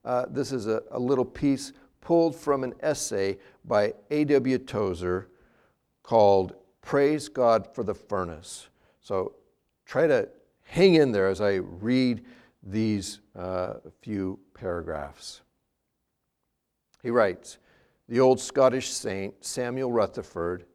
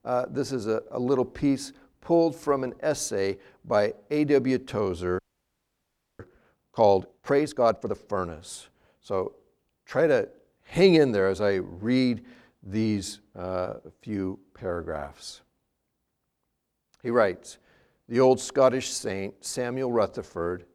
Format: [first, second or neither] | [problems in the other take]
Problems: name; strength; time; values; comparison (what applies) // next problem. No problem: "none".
first | audio freezing; at 5 s for 1 s